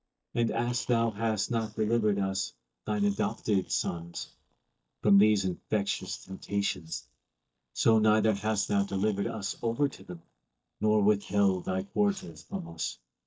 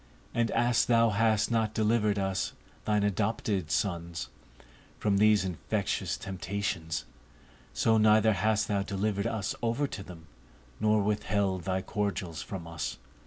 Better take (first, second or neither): second